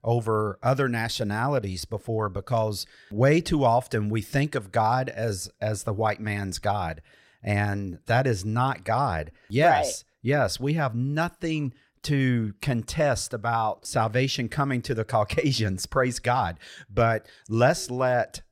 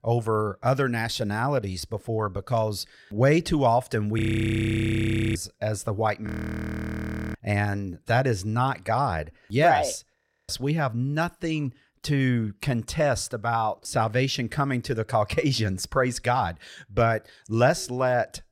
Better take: first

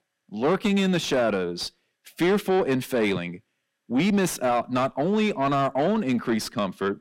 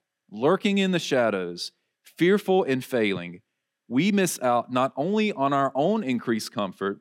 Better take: second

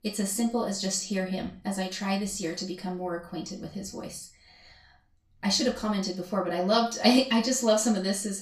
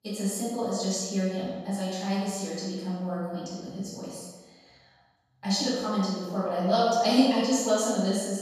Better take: first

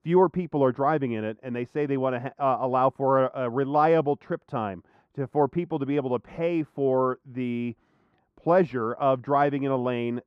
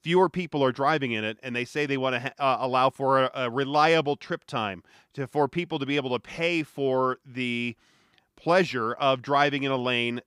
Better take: second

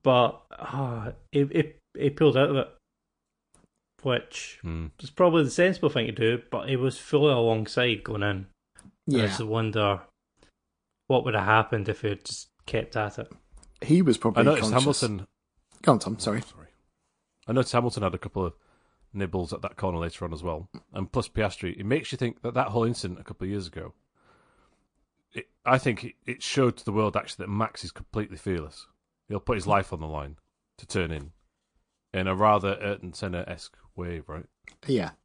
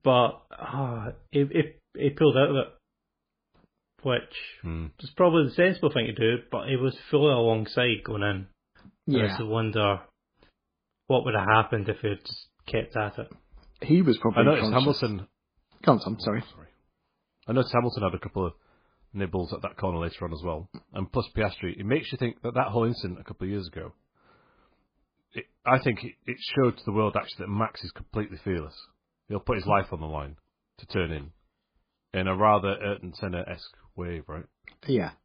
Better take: first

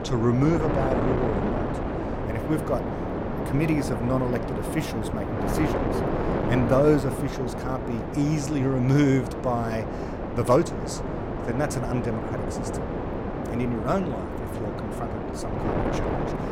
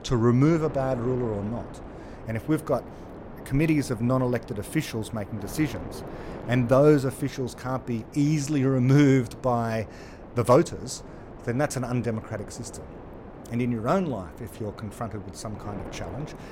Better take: second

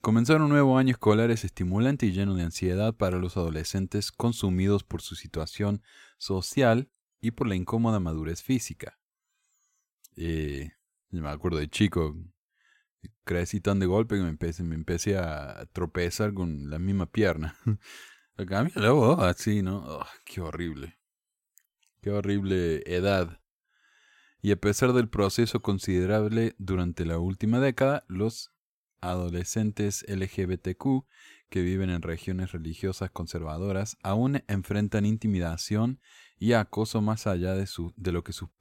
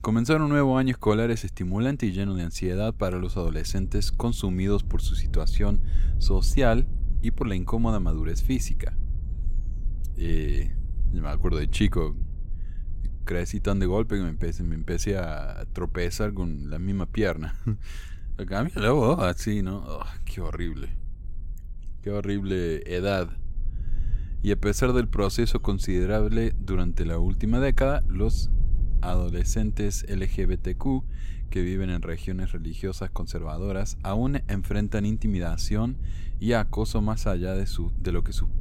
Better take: first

